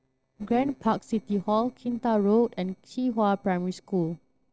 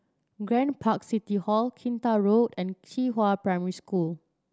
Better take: second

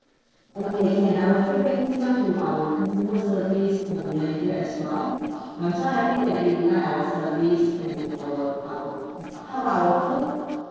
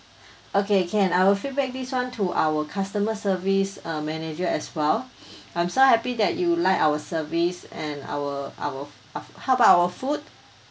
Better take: second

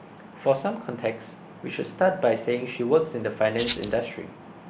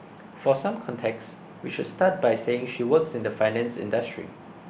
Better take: second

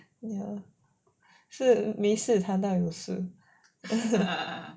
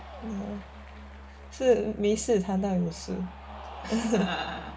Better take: first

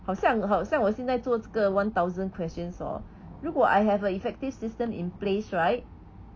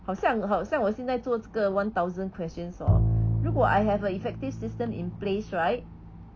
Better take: first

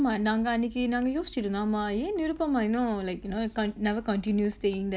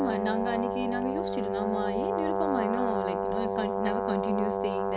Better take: first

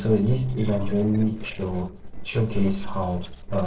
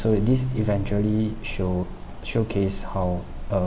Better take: second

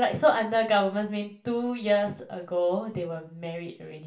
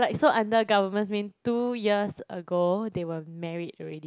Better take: second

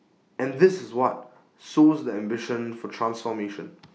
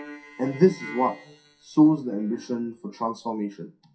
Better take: first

